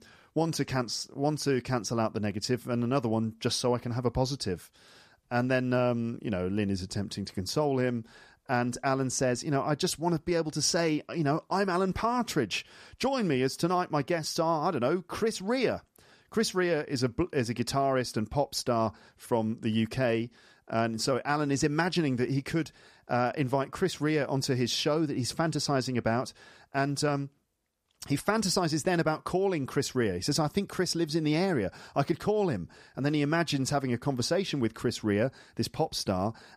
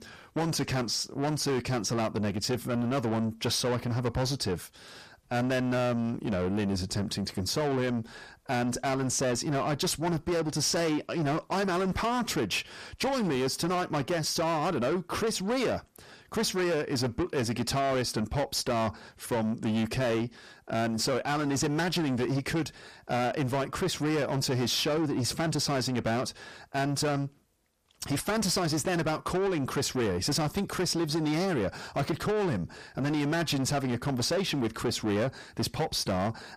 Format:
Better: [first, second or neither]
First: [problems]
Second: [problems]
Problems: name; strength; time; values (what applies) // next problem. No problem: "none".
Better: first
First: none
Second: distortion; heavy; 8 dB below the speech